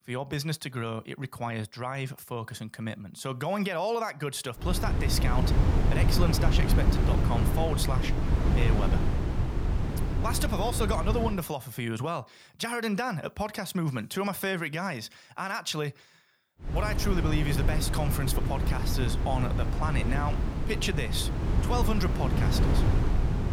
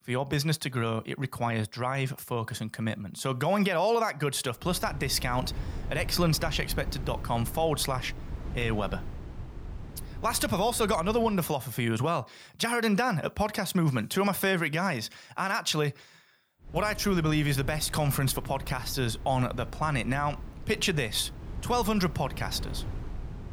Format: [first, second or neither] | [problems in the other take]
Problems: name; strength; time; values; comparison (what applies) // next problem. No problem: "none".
second | wind noise on the microphone; heavy; from 4.5 to 11 s and from 17 s on; 4 dB below the speech; occasional gusts in the second